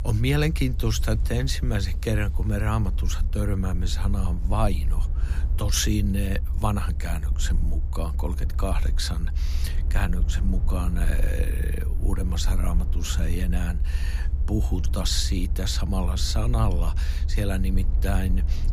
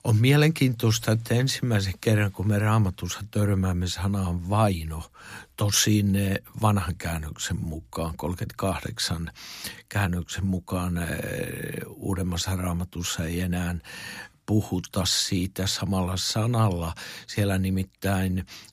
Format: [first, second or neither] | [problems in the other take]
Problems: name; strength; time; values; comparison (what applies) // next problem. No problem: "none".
second | low rumble; noticeable; throughout; 15 dB below the speech